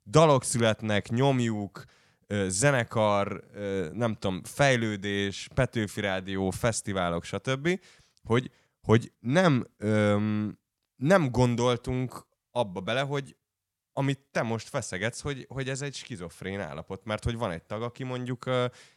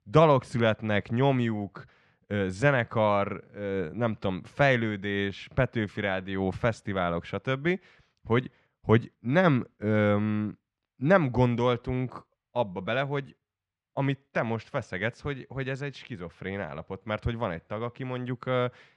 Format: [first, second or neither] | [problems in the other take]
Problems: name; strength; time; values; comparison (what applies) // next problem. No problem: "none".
first | muffled; slightly; fading above 2.5 kHz